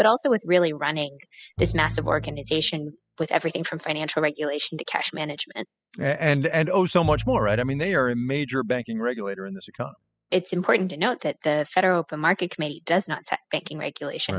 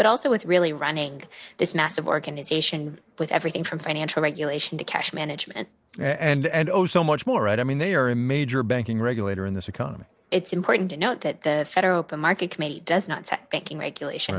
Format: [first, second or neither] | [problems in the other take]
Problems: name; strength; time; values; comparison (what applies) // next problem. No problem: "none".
second | noise reduction (classical method spectral subtraction)